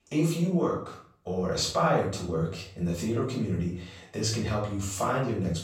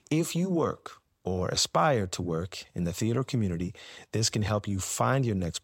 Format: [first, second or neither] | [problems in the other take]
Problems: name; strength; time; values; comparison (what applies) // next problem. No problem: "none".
second | off-mic speech; far // room echo; noticeable; dies away in 0.5 s